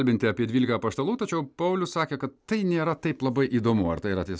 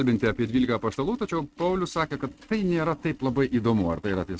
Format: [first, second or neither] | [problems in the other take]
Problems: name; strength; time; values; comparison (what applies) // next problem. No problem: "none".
first | noise reduction (neural mask model RNNoise)